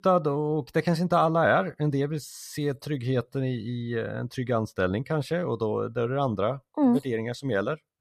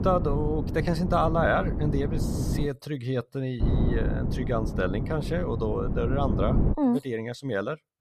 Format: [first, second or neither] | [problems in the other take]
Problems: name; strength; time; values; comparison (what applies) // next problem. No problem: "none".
first | wind noise on the microphone; heavy; until 2.5 s and from 3.5 to 6.5 s; 8 dB below the speech